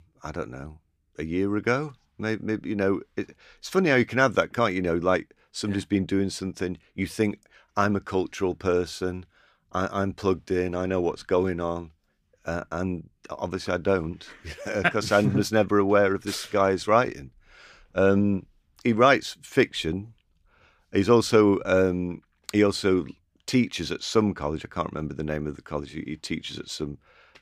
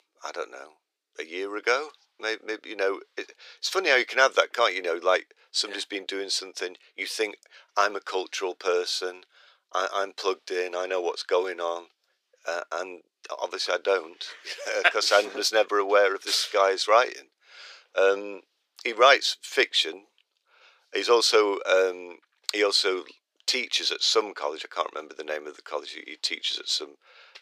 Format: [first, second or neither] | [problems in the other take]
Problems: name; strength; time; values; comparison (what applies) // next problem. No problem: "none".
first | thin; very; fading below 400 Hz